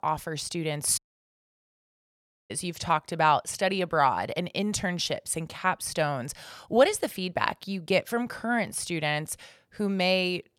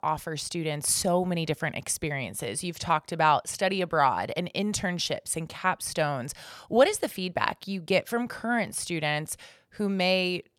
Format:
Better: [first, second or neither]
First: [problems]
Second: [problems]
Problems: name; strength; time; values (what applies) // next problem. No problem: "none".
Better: second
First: audio cutting out; at 1 s for 1.5 s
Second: none